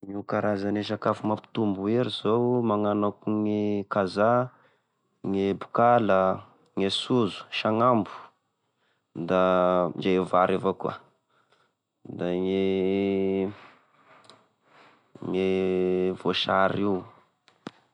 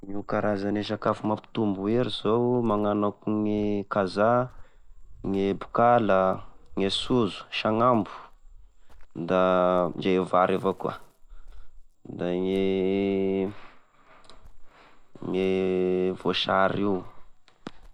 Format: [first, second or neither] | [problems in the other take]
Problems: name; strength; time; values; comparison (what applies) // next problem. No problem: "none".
first | background sound (Cricket); 17 dB below the speech